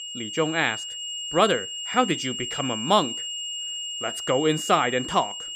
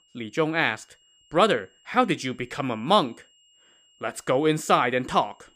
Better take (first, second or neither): second